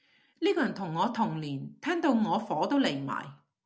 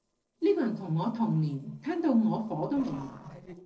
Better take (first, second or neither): first